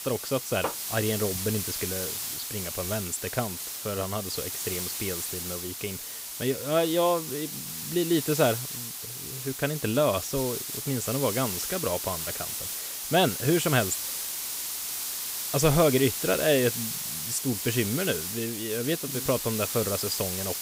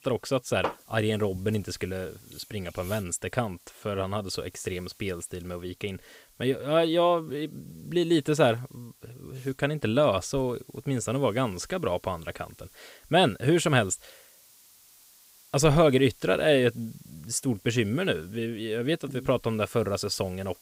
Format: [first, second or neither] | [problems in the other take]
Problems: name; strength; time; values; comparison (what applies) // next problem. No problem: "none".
second | hiss; loud; throughout; 3 dB below the speech; faint in the second